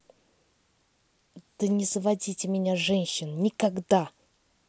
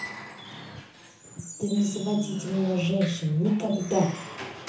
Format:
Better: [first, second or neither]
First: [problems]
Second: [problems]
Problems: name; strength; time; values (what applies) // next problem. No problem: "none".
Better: first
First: none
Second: background sound (Squeak / Wood); 12 dB below the speech // room echo; dies away in 0.7 s